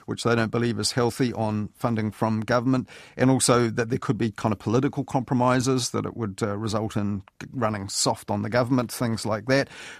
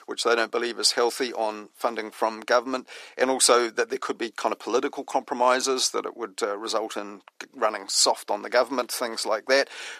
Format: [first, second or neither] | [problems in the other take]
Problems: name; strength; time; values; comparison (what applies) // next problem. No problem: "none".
first | thin; very; fading below 350 Hz